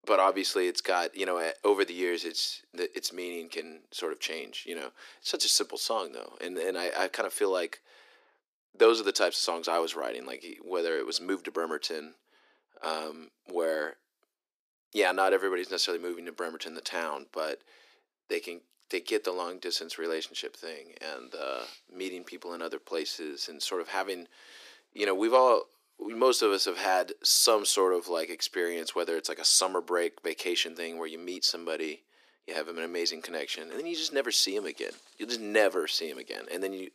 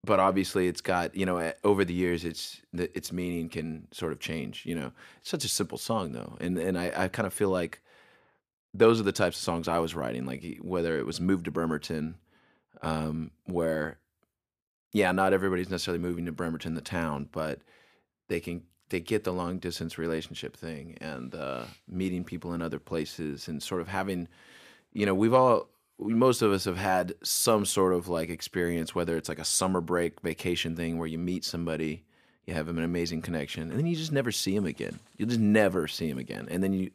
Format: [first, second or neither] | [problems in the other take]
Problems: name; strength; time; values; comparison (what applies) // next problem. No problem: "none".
second | thin; somewhat; fading below 300 Hz